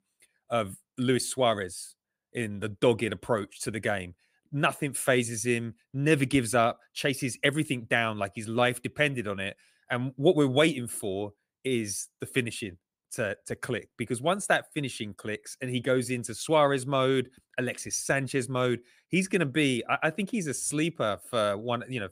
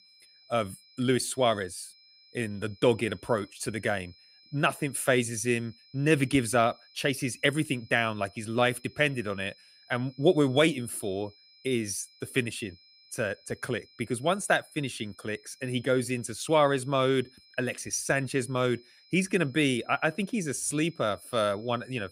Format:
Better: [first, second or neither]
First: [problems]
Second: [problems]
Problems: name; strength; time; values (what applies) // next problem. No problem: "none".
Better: first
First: none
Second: high-pitched whine; faint; throughout; 5 kHz, 25 dB below the speech